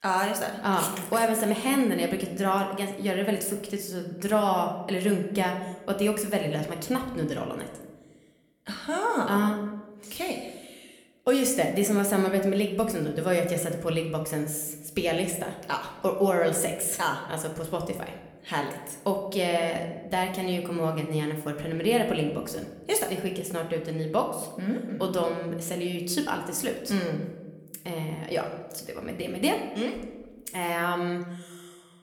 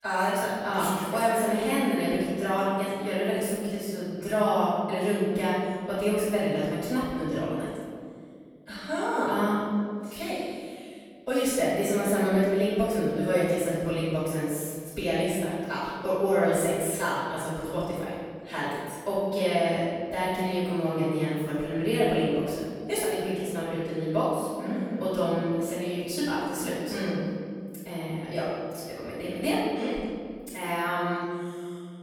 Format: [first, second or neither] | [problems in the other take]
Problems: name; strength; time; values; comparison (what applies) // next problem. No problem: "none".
first | room echo; strong; dies away in 2 s; slight in the first // off-mic speech; far